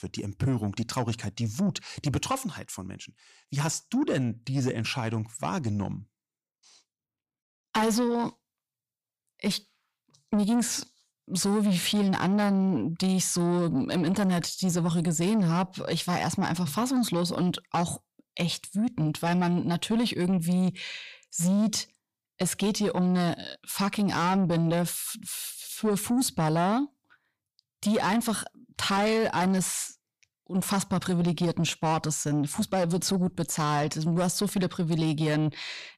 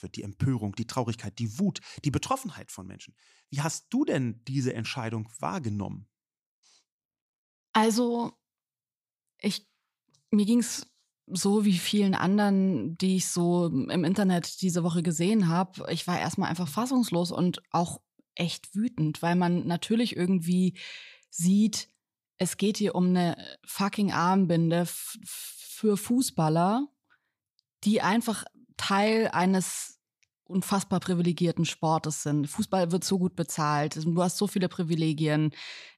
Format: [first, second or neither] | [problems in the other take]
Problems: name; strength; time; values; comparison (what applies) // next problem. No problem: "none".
second | distortion; slight; 10 dB below the speech